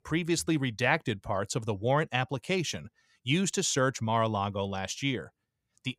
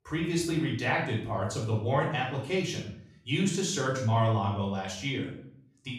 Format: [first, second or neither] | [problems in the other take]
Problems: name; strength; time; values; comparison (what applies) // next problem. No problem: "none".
first | off-mic speech; far // room echo; noticeable; dies away in 0.5 s